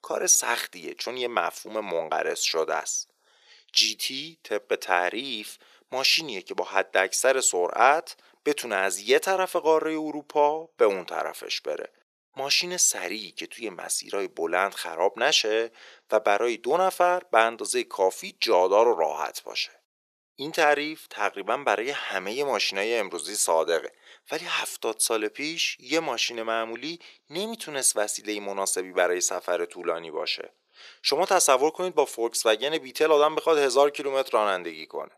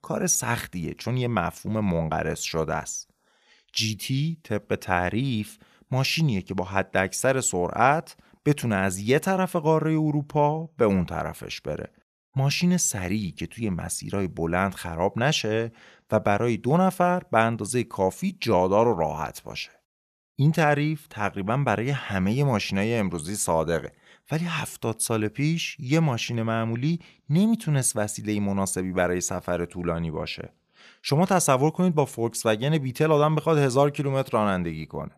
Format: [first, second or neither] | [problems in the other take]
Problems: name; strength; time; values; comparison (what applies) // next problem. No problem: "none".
second | thin; very; fading below 400 Hz